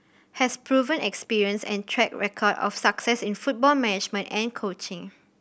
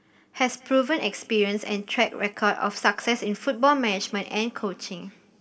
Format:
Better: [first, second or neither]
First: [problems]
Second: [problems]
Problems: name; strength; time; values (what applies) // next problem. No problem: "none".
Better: first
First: none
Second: room echo; dies away in 2.1 s